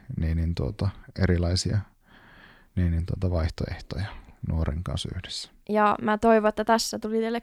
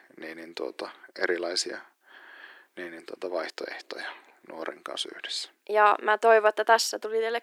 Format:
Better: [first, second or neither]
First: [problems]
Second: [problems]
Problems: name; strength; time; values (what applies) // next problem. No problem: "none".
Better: first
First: none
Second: thin; very; fading below 350 Hz